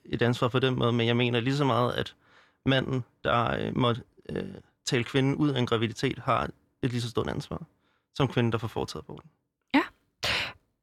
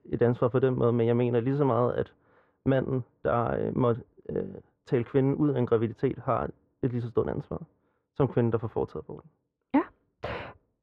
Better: first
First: none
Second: muffled; very; fading above 2.5 kHz

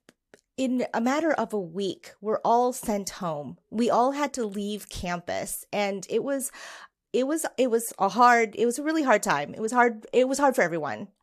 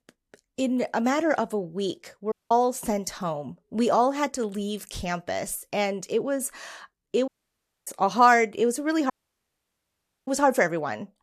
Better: first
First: none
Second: audio cutting out; at 2.5 s, at 7.5 s for 0.5 s and at 9 s for 1 s

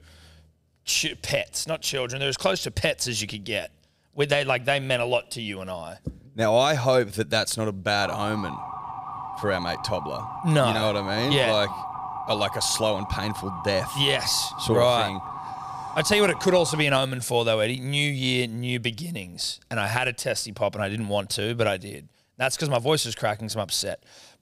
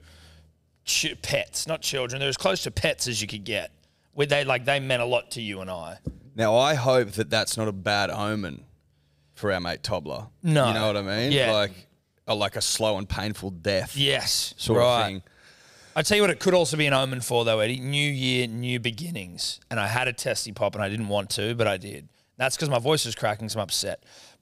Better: second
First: siren; noticeable; from 8 to 17 s; peak 9 dB below the speech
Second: none

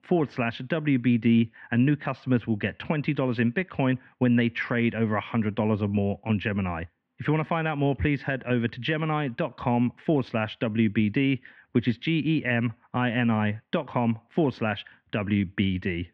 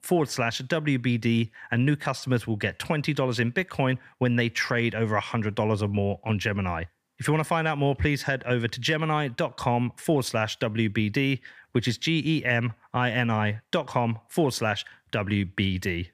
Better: second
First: muffled; very; fading above 3 kHz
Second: none

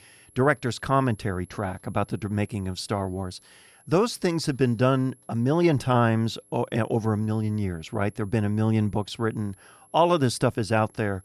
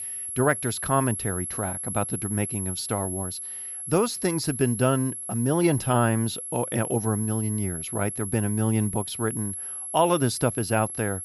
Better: first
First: high-pitched whine; faint; throughout; 11 kHz, 30 dB below the speech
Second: high-pitched whine; loud; throughout; 11 kHz, 5 dB below the speech

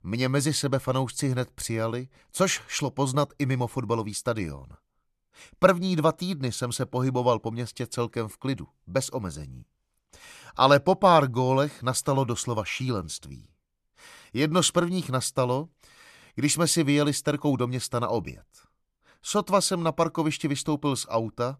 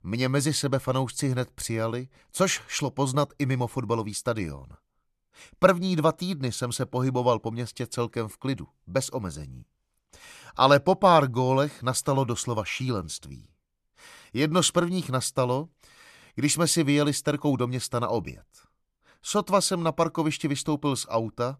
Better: neither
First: none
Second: none

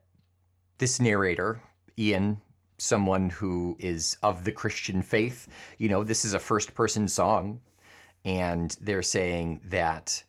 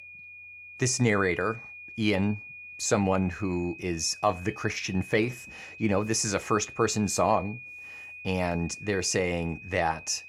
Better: first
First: none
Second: high-pitched whine; noticeable; throughout; 2.5 kHz, 15 dB below the speech

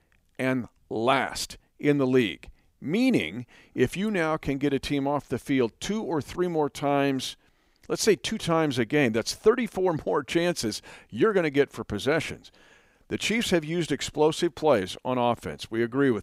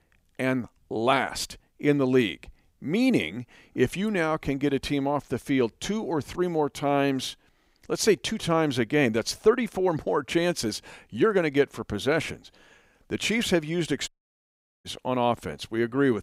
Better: first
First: none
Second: audio cutting out; at 14 s for 1 s

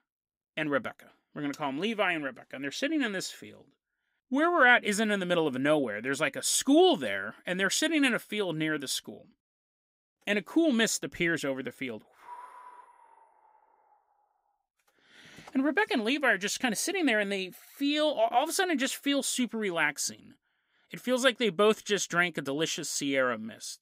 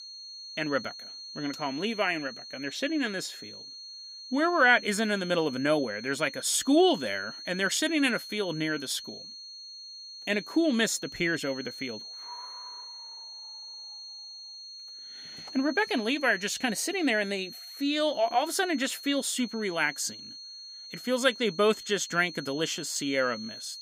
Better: first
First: none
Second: high-pitched whine; noticeable; throughout; 4.5 kHz, 15 dB below the speech

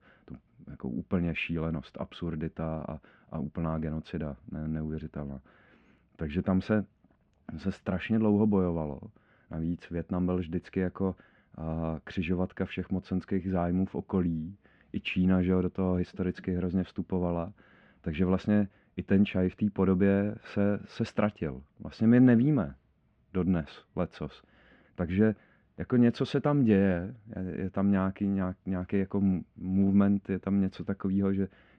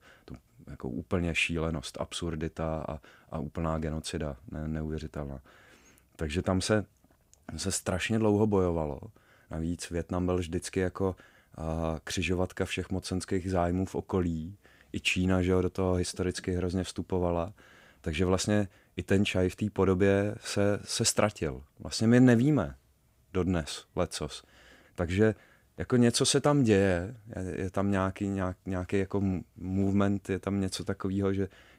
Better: second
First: muffled; very; fading above 3 kHz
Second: none

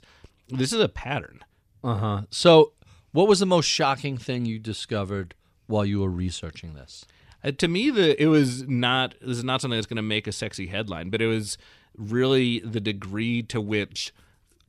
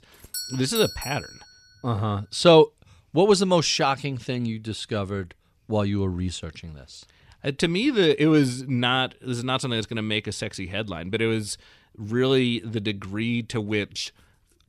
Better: first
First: none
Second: doorbell; noticeable; until 1.5 s; peak 7 dB below the speech

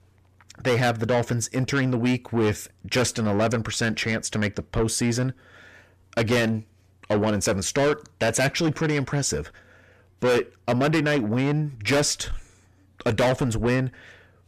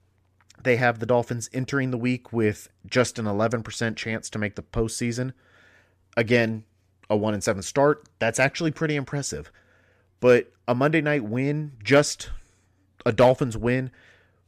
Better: second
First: distortion; heavy; 6 dB below the speech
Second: none

